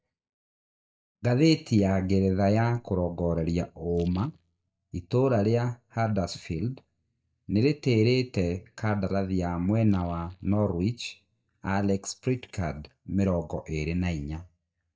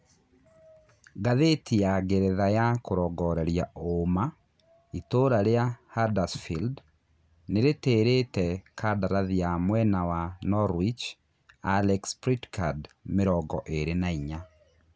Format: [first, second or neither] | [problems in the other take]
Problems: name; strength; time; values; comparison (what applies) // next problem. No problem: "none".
second | noise reduction (neural mask model DeepFilterNet 3)